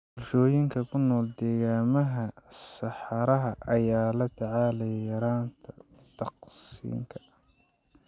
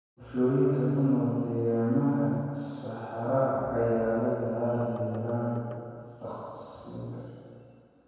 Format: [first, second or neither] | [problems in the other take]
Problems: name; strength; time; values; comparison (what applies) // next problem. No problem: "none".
first | background sound (Knock); 19 dB below the speech // room echo; dies away in 2.2 s